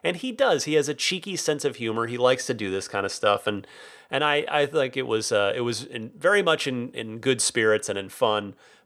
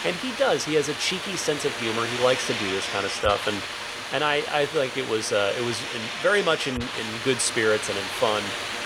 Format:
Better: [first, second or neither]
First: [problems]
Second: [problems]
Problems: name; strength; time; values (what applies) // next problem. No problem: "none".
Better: first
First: none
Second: hiss; loud; throughout; 4 dB below the speech